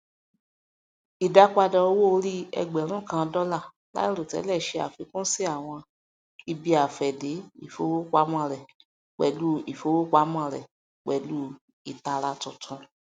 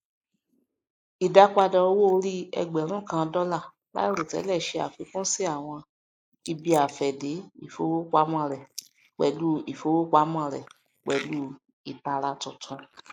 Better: first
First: none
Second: noise reduction (neural mask model Resemble Enhance denoiser)

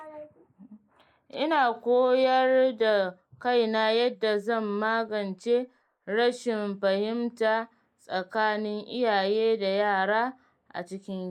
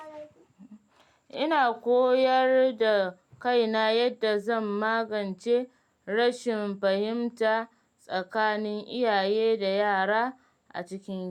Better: second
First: noise reduction (neural mask model Resemble Enhance denoiser)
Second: none

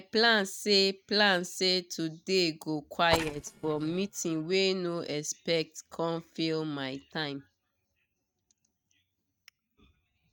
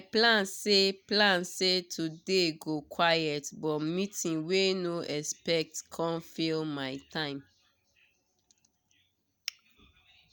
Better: second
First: noise reduction (neural mask model RNNoise)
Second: none

